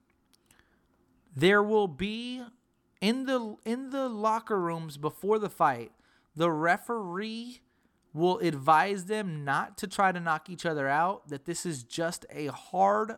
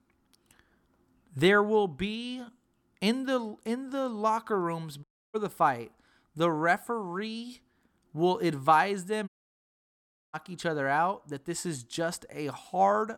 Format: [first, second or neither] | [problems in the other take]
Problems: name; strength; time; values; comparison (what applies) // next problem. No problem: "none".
first | audio cutting out; at 5 s and at 9.5 s for 1 s